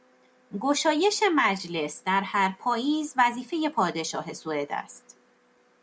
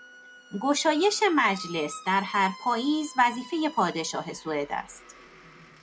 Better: first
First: none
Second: background sound (Squeak); 19 dB below the speech

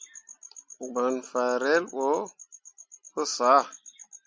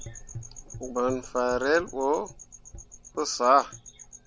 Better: first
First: none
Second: background sound (Gurgling / Engine); 17 dB below the speech

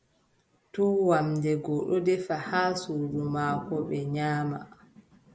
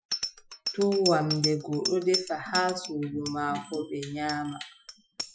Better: first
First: none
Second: noise reduction (classical method Wiener filter)

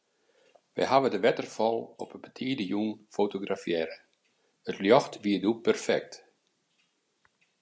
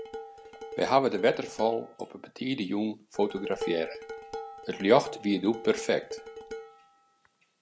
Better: first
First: none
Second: background sound (Dishes, pots, and pans); 13 dB below the speech

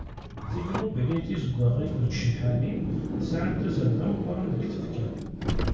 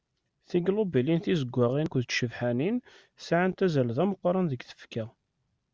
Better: second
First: background sound (Car); 1 dB below the speech // room echo; dies away in 0.6 s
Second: none

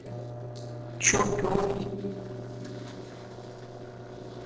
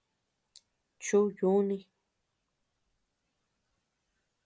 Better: second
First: noise reduction (neural separator model SepFormer DNS4)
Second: none

